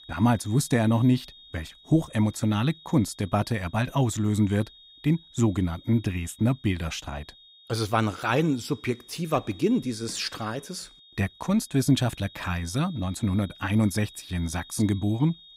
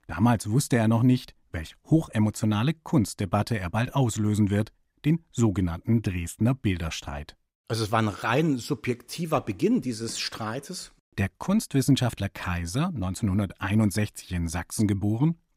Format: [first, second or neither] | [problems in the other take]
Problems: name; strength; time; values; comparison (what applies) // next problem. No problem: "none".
second | high-pitched whine; faint; throughout; 3.5 kHz, 20 dB below the speech